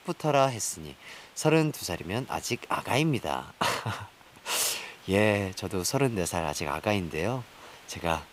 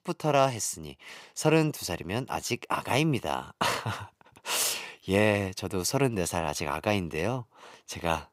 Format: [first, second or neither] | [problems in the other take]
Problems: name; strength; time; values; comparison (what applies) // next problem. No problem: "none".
second | hiss; faint; throughout; 25 dB below the speech